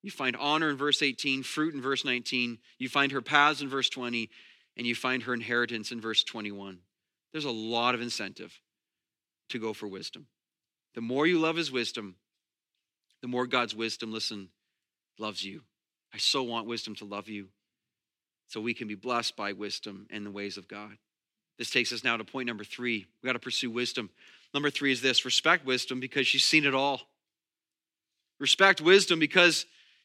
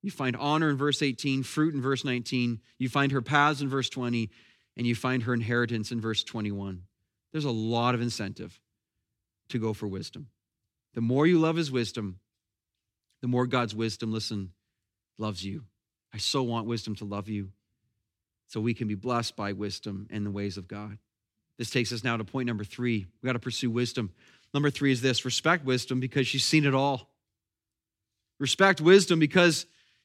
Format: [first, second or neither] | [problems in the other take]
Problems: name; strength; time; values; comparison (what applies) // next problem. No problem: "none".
second | thin; somewhat; fading below 250 Hz